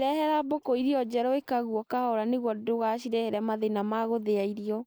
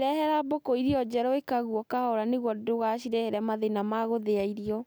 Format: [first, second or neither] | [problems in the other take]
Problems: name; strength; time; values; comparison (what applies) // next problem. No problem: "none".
second | noise reduction (neural mask model Resemble Enhance denoiser)